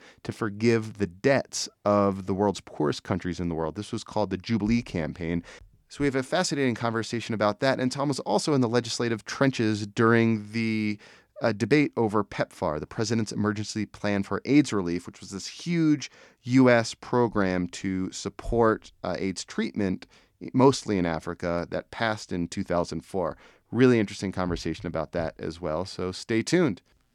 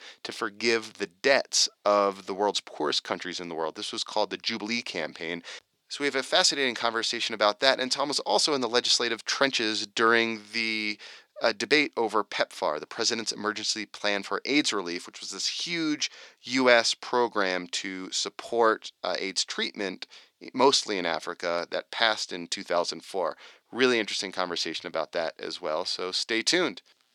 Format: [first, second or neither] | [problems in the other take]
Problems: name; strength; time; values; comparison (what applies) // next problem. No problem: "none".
first | thin; somewhat; fading below 450 Hz